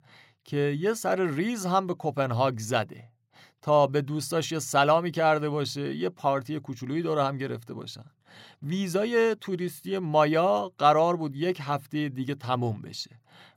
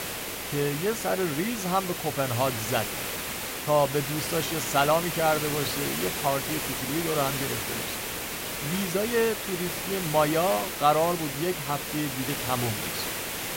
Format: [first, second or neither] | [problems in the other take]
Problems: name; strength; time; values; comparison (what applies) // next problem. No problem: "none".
first | hiss; loud; throughout; 3 dB below the speech